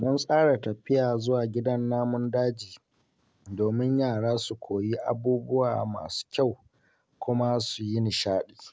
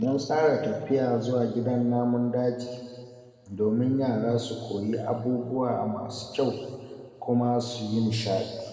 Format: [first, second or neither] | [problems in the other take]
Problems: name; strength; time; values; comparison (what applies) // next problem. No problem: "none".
first | room echo; dies away in 1.9 s